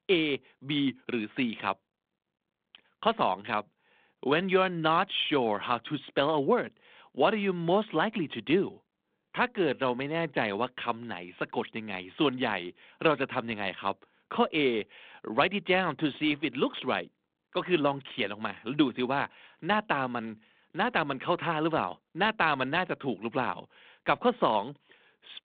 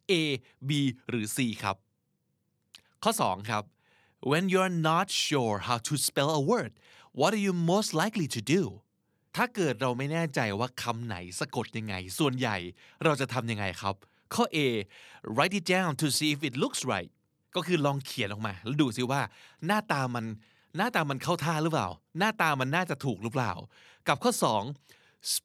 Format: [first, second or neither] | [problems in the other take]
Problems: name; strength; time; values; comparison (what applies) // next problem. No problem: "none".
second | phone-call audio; nothing above 3.5 kHz